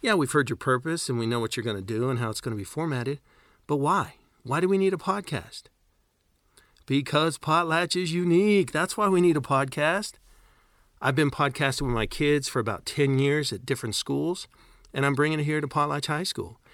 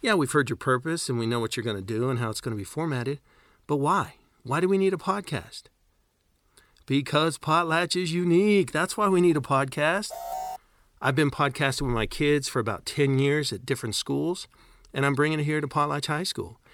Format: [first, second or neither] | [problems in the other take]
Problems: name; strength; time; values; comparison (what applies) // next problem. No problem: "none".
first | alarm; noticeable; at 10 s; peak 8 dB below the speech